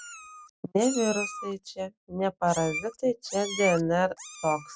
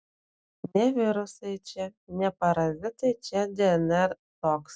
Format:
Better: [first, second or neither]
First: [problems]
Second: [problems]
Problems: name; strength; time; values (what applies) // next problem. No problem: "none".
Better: second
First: background sound (Meow); 10 dB below the speech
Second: none